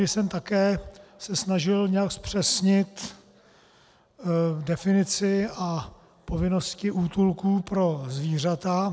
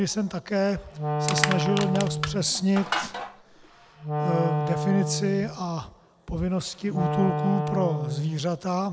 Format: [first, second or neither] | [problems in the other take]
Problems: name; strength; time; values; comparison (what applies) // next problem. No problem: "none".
first | background sound (Wind instrument, woodwind instrument + Crushing); 2 dB below the speech